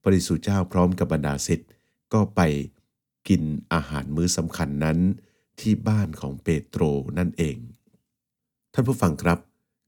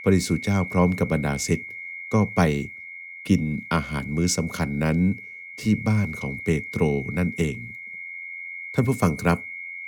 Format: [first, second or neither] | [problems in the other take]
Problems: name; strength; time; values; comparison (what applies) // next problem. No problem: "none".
first | high-pitched whine; noticeable; throughout; 2 kHz, 10 dB below the speech